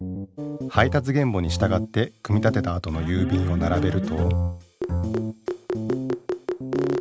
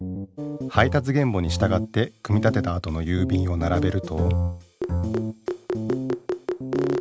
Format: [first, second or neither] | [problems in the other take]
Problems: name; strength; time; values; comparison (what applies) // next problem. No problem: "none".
second | background sound (Alarm); 6 dB below the speech